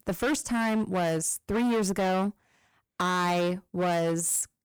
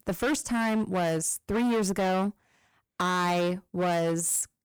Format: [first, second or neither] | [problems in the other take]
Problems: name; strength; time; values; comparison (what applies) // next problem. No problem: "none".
neither | distortion; heavy; 20% of the sound clipped; the same in both